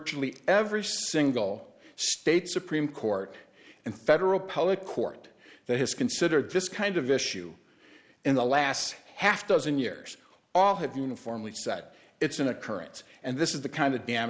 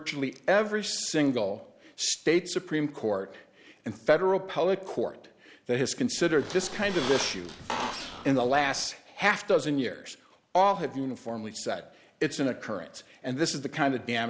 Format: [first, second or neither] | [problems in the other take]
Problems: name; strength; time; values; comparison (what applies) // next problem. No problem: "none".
first | background sound (Squeak); 8 dB below the speech